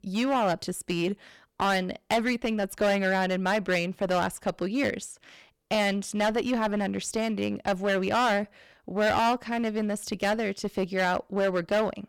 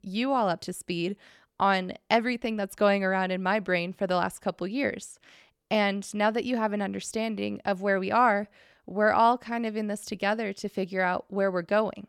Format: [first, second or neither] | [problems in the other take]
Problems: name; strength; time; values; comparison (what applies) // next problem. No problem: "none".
second | distortion; heavy; 11% of the sound clipped